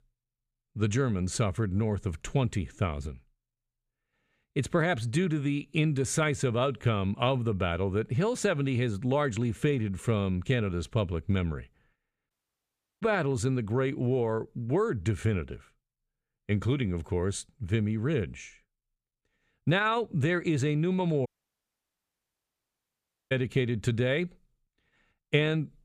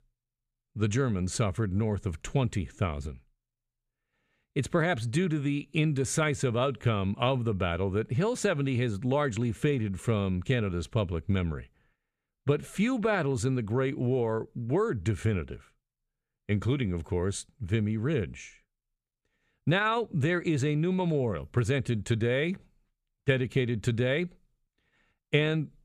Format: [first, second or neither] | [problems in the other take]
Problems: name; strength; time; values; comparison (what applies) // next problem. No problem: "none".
second | audio cutting out; at 12 s for 0.5 s and at 21 s for 2 s